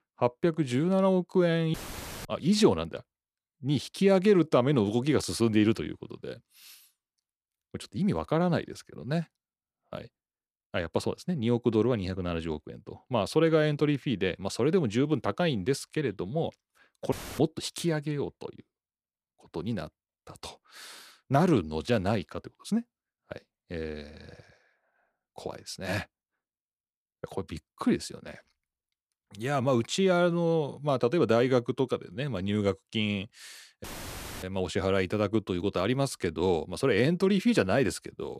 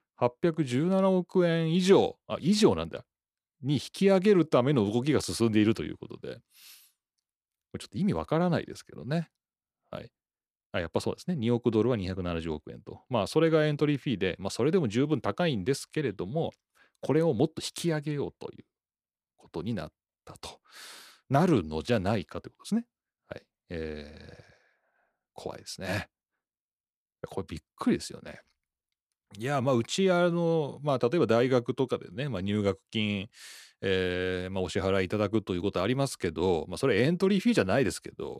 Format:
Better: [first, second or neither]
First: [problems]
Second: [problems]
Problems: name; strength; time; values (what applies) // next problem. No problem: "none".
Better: second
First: audio cutting out; filled with static; at 1.5 s for 0.5 s, at 17 s and at 34 s for 0.5 s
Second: none